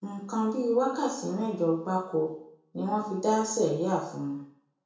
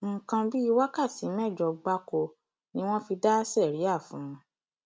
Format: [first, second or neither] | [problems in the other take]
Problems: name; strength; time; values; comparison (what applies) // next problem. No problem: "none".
second | room echo; dies away in 0.5 s